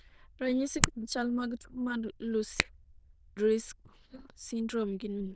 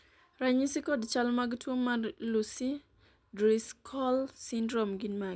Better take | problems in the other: second | noise reduction (neural diffusion model UNIVERSE++)

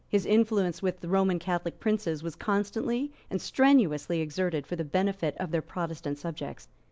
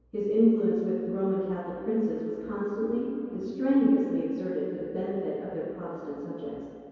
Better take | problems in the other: first | room echo; dies away in 2.2 s

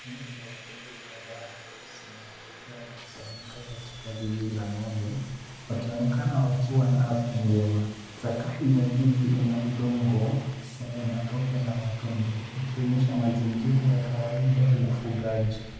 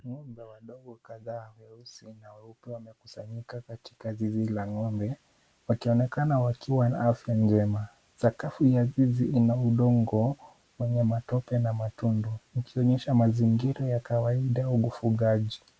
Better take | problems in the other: second | background sound (Subway, metro, underground); 18 dB below the speech // room echo; dies away in 0.9 s

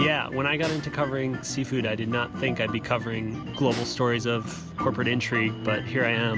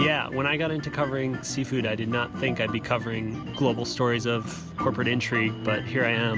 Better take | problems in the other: second | background sound (Snare drum); 19 dB below the speech

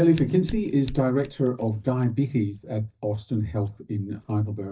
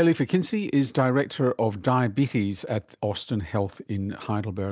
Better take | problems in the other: second | noise reduction (neural mask model DeepFilterNet 3)

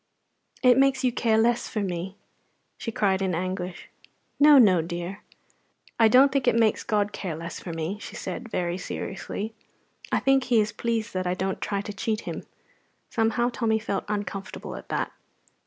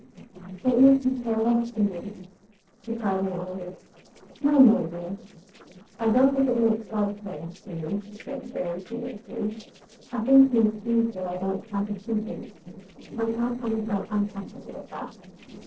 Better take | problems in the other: first | noise reduction (neural separator model SepFormer DNS4)

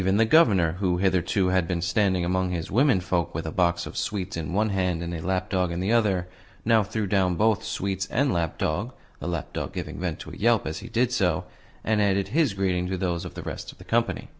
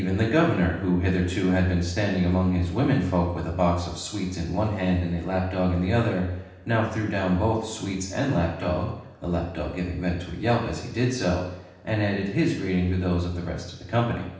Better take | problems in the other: first | room echo; dies away in 0.9 s

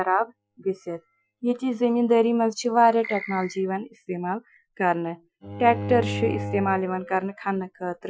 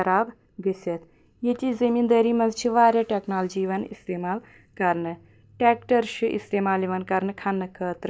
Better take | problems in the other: second | noise reduction (classical method Wiener filter)

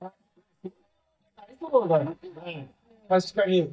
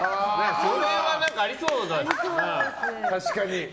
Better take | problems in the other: second | noise reduction (neural mask model DeepFilterNet 3)

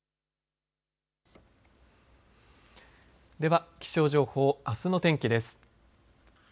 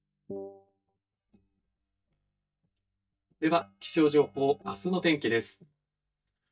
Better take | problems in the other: first | noise reduction (neural mask model DeepFilterNet 3)

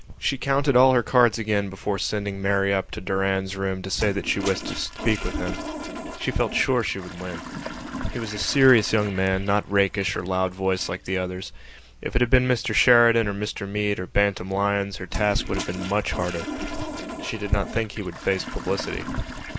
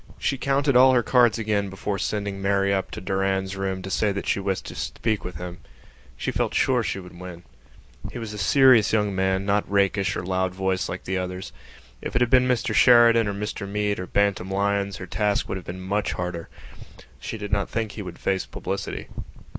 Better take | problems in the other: second | background sound (Toilet flush); 13 dB below the speech

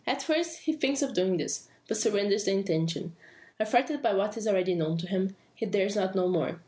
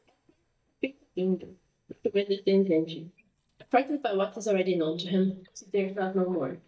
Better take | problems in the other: first | noise reduction (neural mask model DeepFilterNet 3)

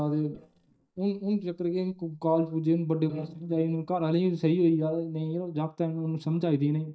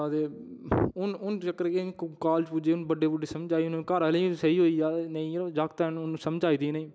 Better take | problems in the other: second | noise reduction (neural mask model DeepFilterNet 3)

